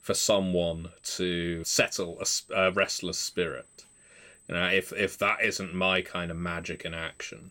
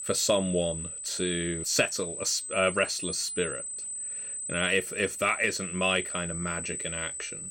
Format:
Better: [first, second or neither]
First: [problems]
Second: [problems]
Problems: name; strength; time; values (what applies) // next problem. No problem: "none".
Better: first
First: high-pitched whine; faint; throughout; 8 kHz, 30 dB below the speech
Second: high-pitched whine; loud; throughout; 8 kHz, 6 dB below the speech